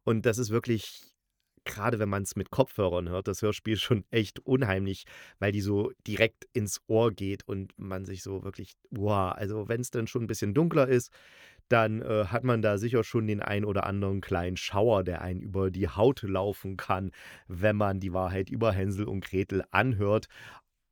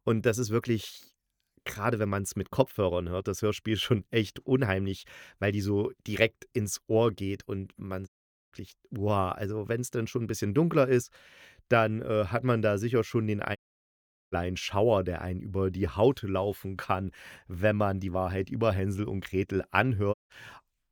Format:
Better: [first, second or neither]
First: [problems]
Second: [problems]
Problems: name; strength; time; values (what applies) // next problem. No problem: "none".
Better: first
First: none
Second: audio cutting out; at 8 s, at 14 s for 1 s and at 20 s